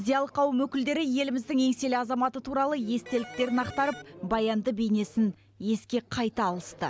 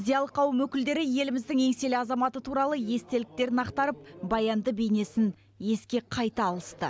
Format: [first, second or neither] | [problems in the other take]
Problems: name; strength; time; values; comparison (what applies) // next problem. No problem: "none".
second | background sound (Electric guitar); 15 dB below the speech